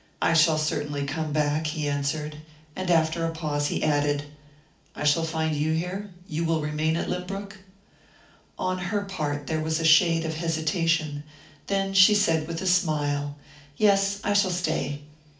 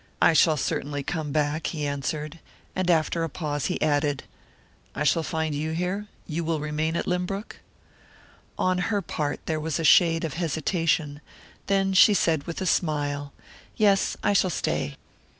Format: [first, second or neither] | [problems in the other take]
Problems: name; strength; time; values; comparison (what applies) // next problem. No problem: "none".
second | room echo; dies away in 0.4 s